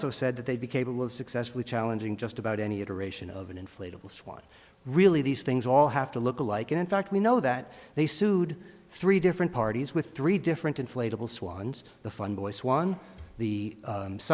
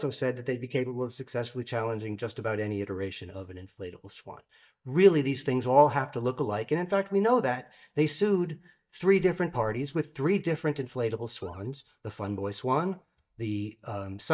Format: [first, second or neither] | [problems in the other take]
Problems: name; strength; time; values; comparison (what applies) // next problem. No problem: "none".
first | noise reduction (neural mask model DeepFilterNet 3)